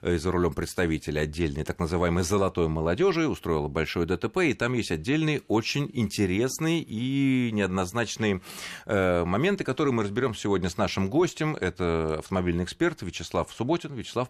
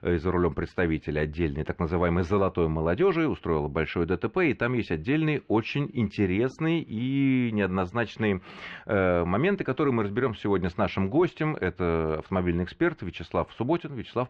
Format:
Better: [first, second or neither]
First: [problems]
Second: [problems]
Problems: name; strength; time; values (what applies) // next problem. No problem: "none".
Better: first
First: none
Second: muffled; very; fading above 3 kHz